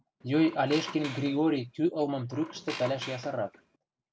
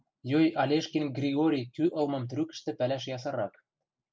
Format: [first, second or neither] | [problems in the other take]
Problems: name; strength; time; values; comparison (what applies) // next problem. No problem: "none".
second | background sound (Squeak); 14 dB below the speech